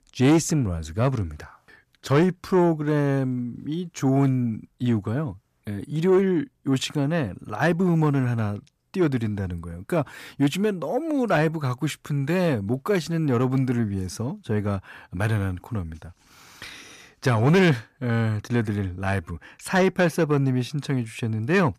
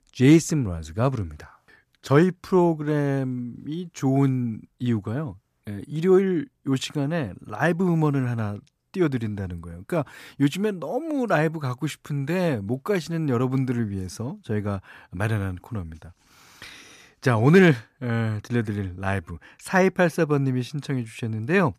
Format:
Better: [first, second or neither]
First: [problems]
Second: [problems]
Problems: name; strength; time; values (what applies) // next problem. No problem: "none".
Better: second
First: distortion; slight; 10 dB below the speech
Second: none